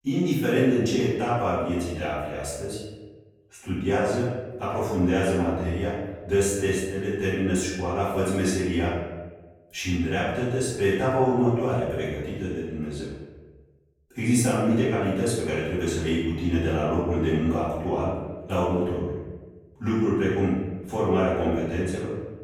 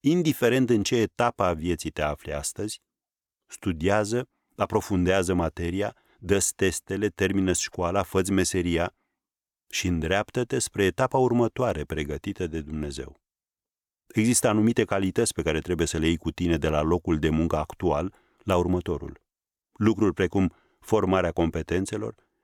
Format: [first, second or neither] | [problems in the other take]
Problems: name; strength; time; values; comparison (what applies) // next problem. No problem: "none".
second | off-mic speech; far // room echo; strong; dies away in 1.1 s